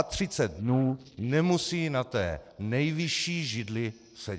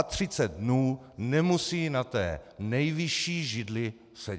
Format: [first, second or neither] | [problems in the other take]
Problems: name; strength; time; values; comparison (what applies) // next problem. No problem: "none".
second | noise reduction (neural separator model SepFormer DNS4)